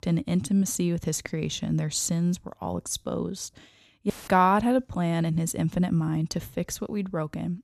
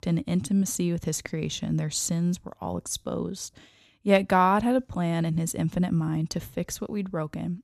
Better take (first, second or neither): second